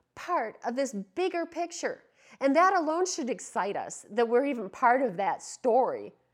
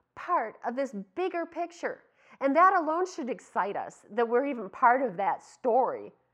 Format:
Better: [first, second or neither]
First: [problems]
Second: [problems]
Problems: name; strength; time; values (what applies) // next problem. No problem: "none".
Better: first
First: none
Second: muffled; slightly; fading above 4 kHz